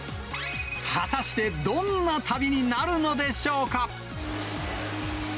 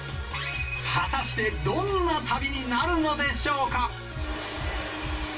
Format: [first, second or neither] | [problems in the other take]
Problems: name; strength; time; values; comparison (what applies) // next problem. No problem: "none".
first | room echo; dies away in 0.2 s